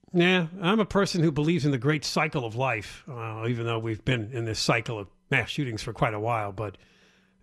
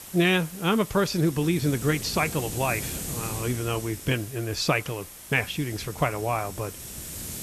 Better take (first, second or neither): first